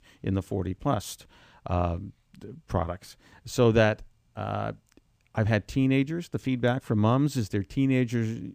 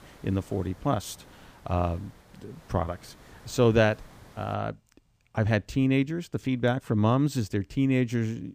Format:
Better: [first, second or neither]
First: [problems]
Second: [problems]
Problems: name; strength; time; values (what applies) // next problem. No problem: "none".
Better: first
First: none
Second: hiss; faint; until 4.5 s; 25 dB below the speech